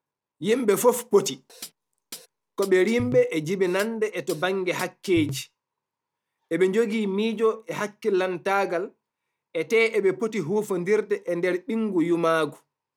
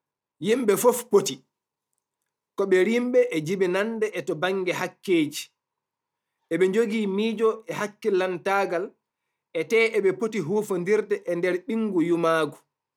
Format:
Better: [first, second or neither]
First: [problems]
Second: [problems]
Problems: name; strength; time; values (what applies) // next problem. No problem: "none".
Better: second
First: background sound (Hi-hat); 15 dB below the speech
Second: none